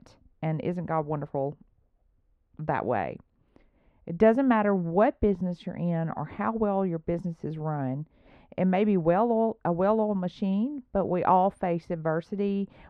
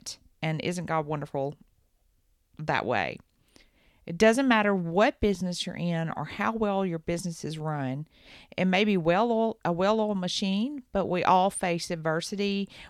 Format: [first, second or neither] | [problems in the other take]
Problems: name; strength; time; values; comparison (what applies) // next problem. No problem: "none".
second | muffled; very; fading above 3 kHz